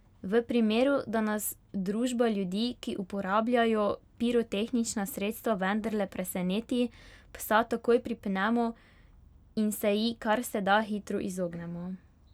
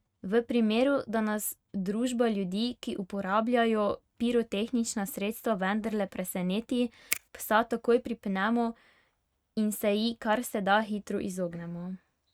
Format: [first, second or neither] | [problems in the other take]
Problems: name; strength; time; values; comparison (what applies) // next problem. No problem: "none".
first | noise reduction (neural mask model RNNoise)